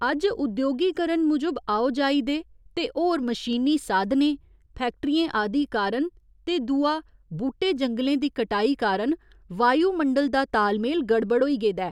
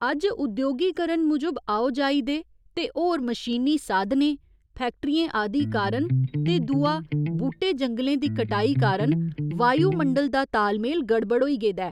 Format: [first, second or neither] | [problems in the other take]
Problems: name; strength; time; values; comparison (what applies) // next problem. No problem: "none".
first | noise reduction (neural mask model DeepFilterNet 3)